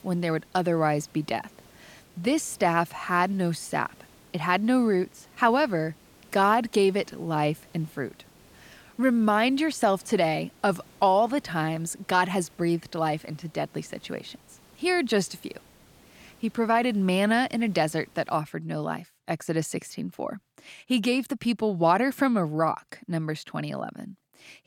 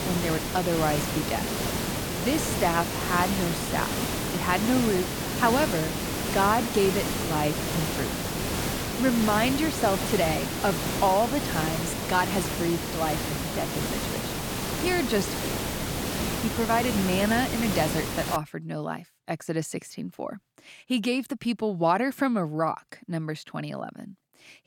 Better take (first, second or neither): first